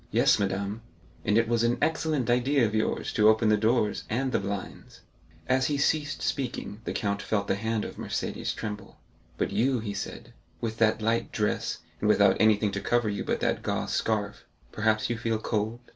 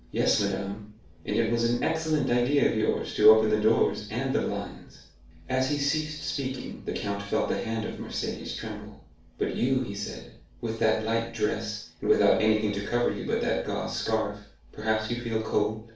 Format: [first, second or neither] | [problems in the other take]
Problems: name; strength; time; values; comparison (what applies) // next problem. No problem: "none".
first | room echo; dies away in 0.4 s